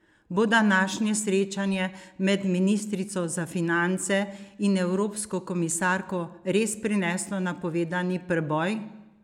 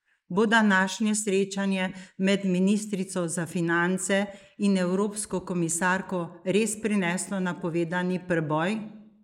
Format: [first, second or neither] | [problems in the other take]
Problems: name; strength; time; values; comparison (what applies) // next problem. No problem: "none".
first | noise reduction (neural mask model Resemble Enhance denoiser)